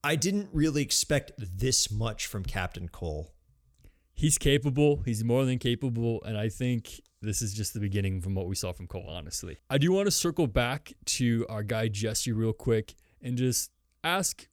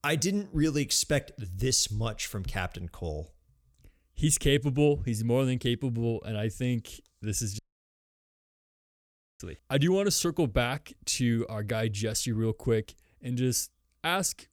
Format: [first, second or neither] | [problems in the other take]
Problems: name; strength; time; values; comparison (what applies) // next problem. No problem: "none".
first | audio cutting out; at 7.5 s for 2 s